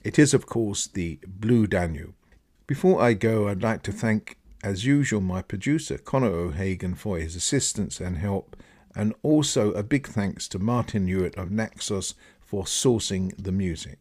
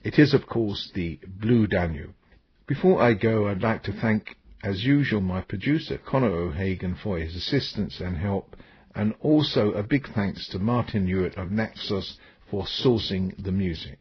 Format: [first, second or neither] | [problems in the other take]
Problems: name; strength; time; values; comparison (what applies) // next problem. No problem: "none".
first | garbled, watery; badly; nothing above 5 kHz